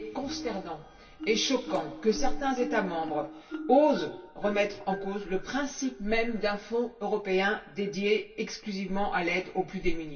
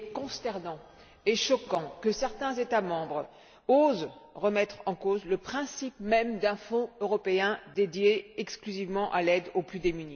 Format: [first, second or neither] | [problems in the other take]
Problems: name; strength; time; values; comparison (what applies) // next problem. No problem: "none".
second | background sound (Marimba, xylophone); 14 dB below the speech // room echo; dies away in 0.2 s